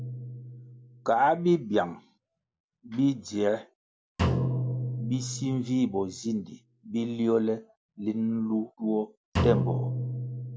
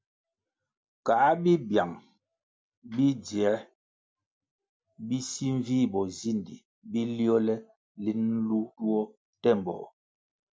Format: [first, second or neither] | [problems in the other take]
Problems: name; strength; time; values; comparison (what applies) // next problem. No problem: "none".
second | background sound (Drum); 5 dB below the speech